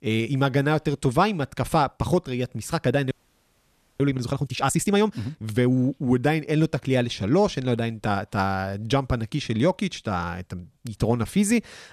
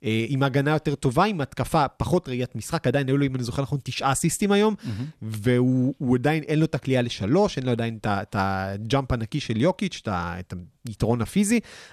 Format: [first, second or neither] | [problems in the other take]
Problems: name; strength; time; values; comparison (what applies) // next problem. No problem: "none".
second | audio freezing; at 3 s for 1 s